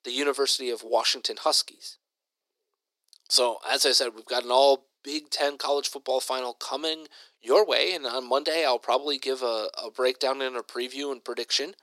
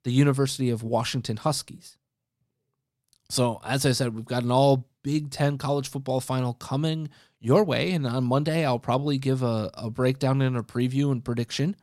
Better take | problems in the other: second | thin; very; fading below 350 Hz

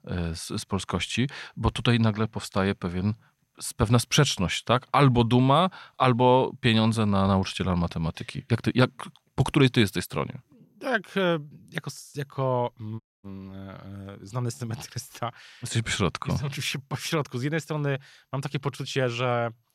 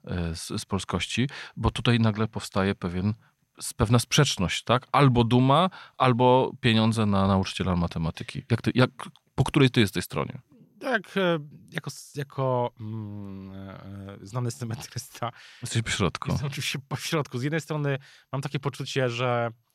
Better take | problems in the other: second | audio cutting out; at 13 s

